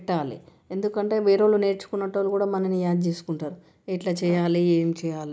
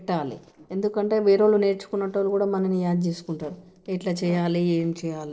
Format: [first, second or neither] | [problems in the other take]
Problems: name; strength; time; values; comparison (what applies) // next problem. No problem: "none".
first | noise reduction (neural separator model SepFormer DNS4)